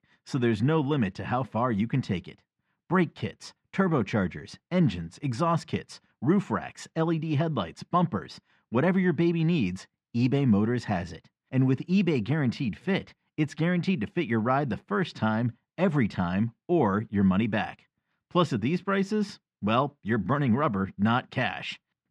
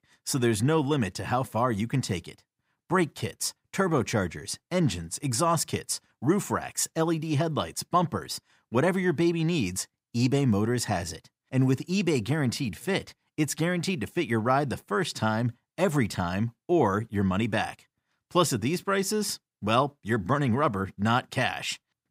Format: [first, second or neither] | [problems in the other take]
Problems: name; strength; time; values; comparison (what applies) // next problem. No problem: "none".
second | muffled; slightly; fading above 3 kHz